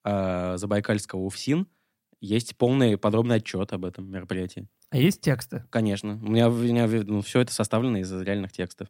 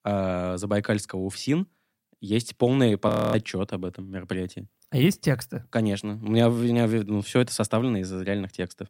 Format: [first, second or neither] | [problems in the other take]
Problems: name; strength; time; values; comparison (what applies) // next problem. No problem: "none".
first | audio freezing; at 3 s